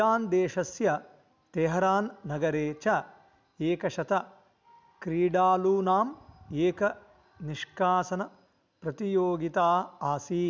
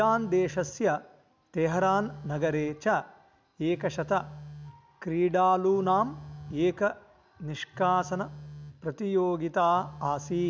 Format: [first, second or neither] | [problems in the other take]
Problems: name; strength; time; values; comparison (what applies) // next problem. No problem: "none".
first | background sound (Telephone); 18 dB below the speech